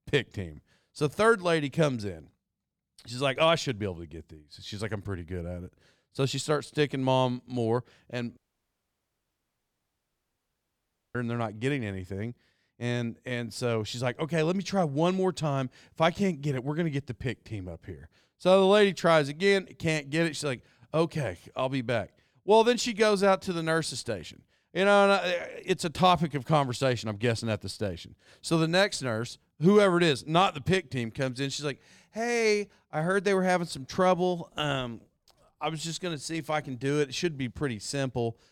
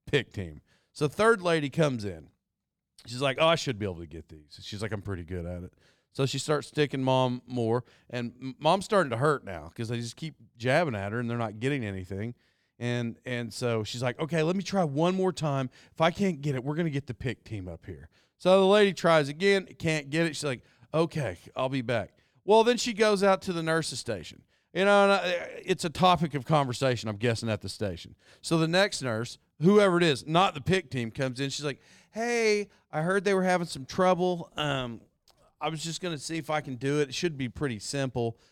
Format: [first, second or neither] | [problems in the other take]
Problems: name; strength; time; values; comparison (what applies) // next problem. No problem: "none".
second | audio cutting out; at 8.5 s for 3 s